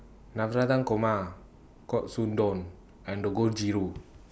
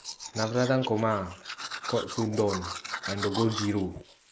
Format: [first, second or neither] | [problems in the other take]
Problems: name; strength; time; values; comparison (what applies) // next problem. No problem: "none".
first | noise reduction (neural mask model Resemble Enhance denoiser)